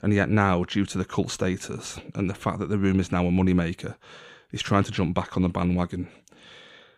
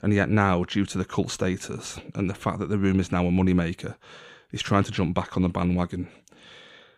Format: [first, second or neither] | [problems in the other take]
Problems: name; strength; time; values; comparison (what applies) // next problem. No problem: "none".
neither | none